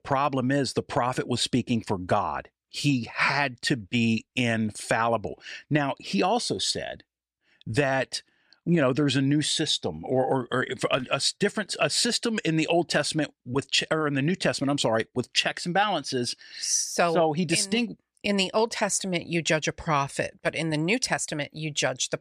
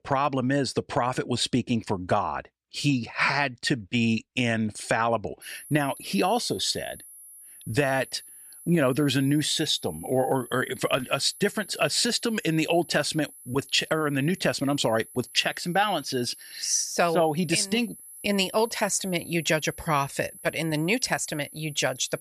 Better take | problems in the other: first | high-pitched whine; noticeable; from 5.5 s on; 11 kHz, 15 dB below the speech

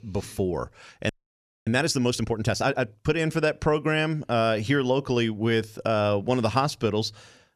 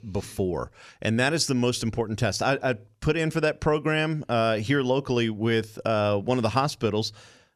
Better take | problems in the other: second | audio freezing; at 1 s for 0.5 s

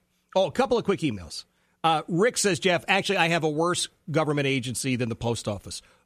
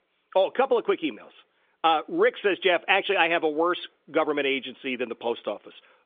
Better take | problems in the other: first | phone-call audio; nothing above 3.5 kHz

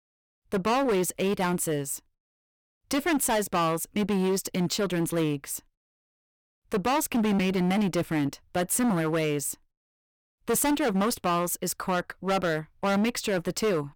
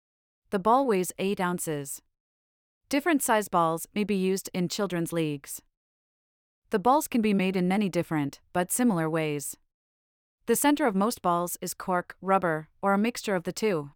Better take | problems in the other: second | distortion; heavy; 14% of the sound clipped

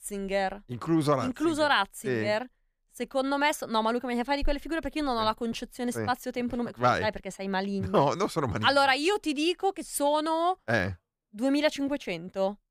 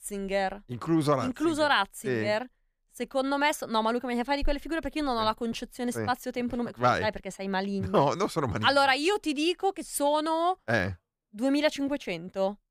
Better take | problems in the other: neither | none

